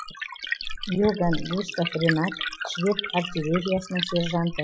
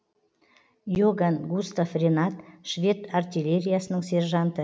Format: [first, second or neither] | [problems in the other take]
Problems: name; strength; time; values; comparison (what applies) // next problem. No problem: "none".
second | noise reduction (classical method Wiener filter)